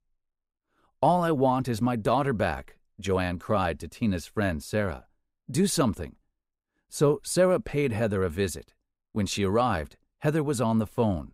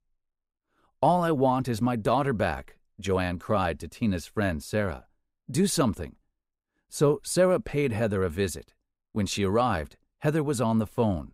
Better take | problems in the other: neither | none

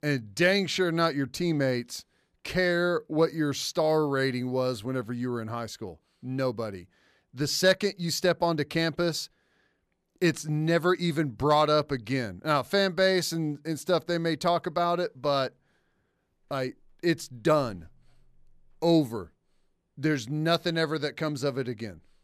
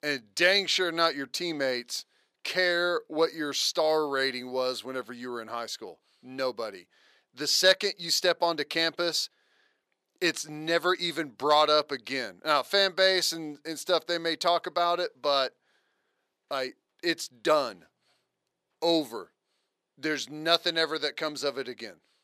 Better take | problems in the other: first | thin; somewhat; fading below 450 Hz

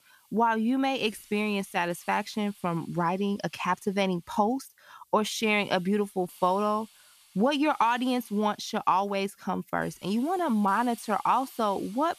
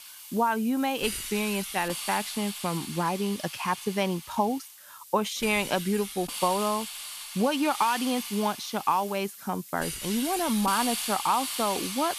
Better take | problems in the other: first | hiss; loud; throughout; 6 dB below the speech; faint in the first

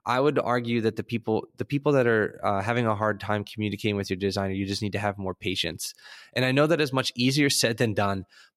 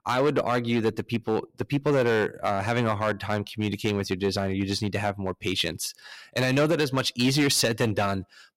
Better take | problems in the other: first | distortion; slight; 6% of the sound clipped

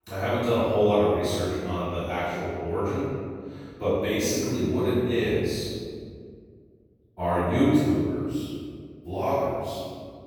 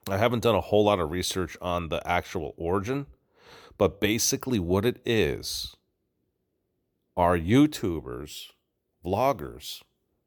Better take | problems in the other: second | off-mic speech; far // room echo; strong; dies away in 2 s

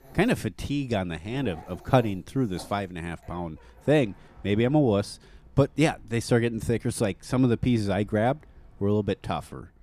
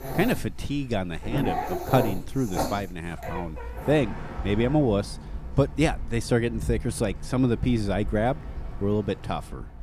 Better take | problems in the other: first | animal sounds; loud; throughout; 8 dB below the speech; faint in the first

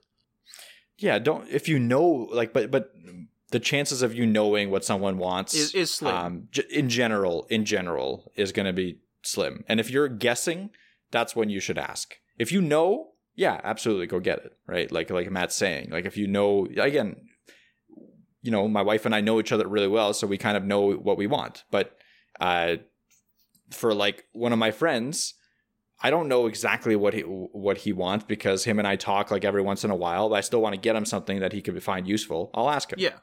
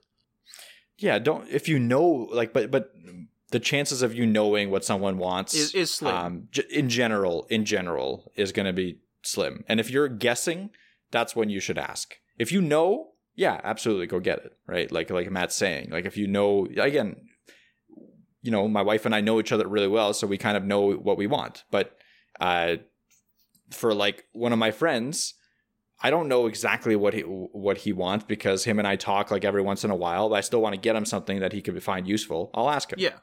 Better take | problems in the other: neither | none

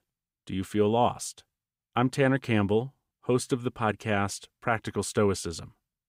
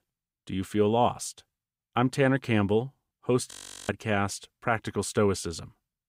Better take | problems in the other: first | audio freezing; at 3.5 s

